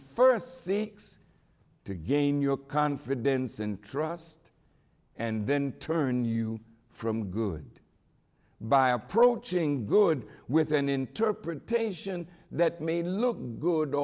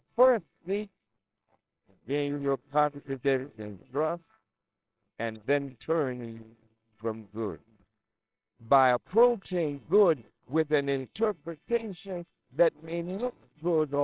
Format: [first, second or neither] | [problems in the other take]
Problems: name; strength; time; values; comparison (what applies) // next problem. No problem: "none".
first | noise reduction (neural separator model SepFormer WHAMR!)